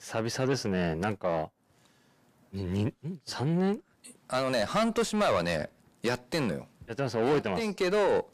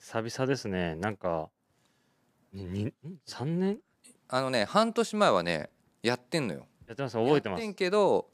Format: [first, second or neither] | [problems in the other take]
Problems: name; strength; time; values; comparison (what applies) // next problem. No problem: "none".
second | distortion; heavy; 6 dB below the speech